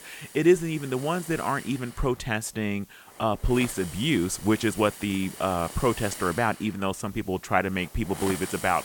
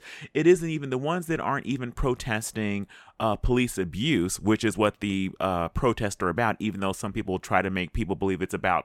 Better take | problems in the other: second | hiss; noticeable; throughout; 15 dB below the speech

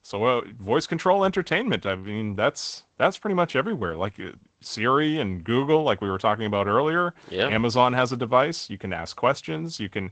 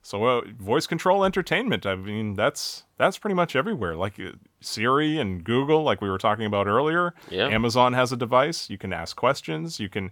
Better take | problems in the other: second | garbled, watery; slightly; nothing above 7.5 kHz

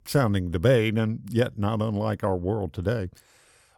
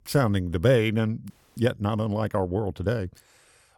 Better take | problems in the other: first | audio freezing; at 1.5 s

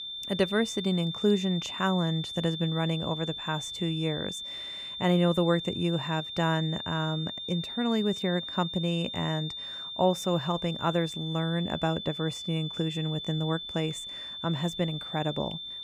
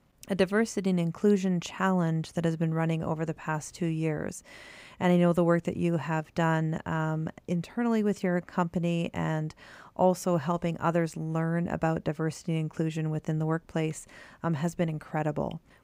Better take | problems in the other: second | high-pitched whine; loud; throughout; 3.5 kHz, 6 dB below the speech

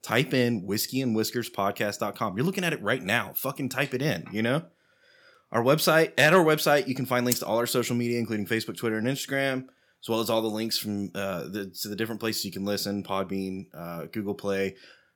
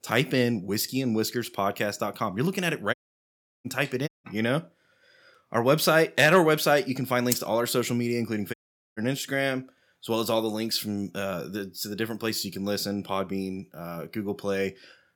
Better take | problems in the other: first | audio cutting out; at 3 s for 0.5 s, at 4 s and at 8.5 s

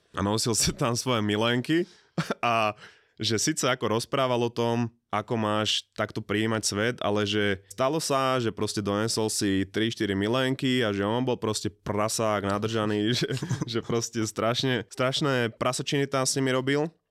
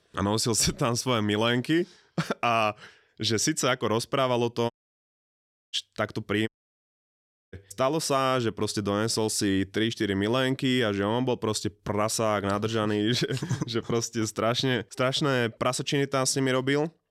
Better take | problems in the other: first | audio cutting out; at 4.5 s for 1 s and at 6.5 s for 1 s

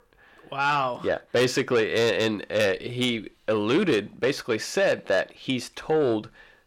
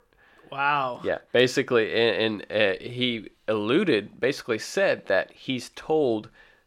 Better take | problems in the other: second | distortion; slight; 10 dB below the speech

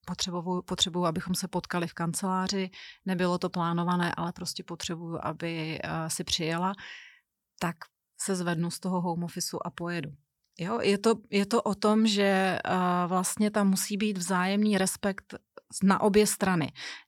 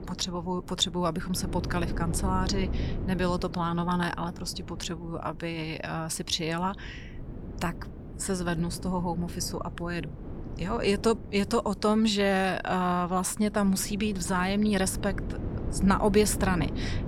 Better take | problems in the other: first | wind noise on the microphone; occasional gusts; 15 dB below the speech

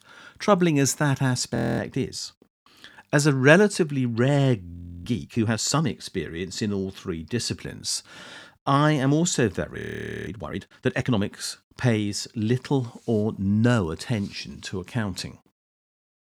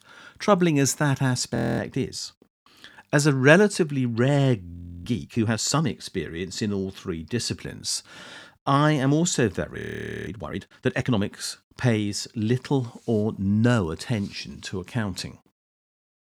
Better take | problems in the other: neither | audio freezing; at 1.5 s, at 4.5 s and at 10 s; the same in both

